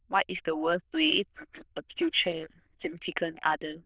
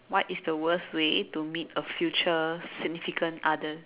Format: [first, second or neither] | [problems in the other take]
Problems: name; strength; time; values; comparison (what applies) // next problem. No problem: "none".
second | noise reduction (neural diffusion model UNIVERSE++)